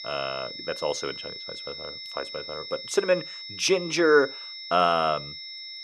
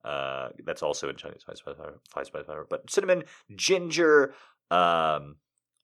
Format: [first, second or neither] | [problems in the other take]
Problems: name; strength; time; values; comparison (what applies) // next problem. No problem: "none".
second | high-pitched whine; noticeable; throughout; 5.5 kHz, 10 dB below the speech